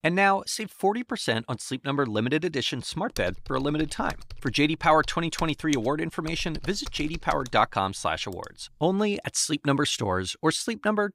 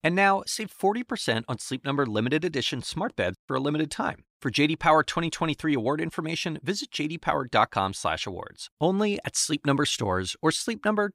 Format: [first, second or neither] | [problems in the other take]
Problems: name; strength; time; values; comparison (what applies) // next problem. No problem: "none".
second | keyboard typing; noticeable; from 3 to 8.5 s; peak 10 dB below the speech